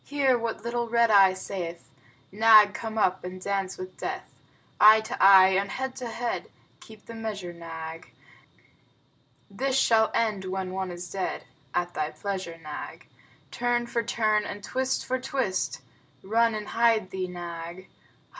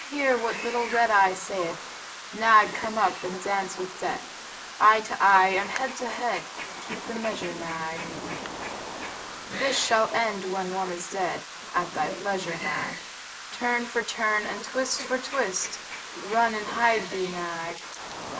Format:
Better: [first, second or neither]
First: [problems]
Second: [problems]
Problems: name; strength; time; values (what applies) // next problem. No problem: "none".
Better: first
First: none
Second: noise reduction (neural mask model Resemble Enhance denoiser)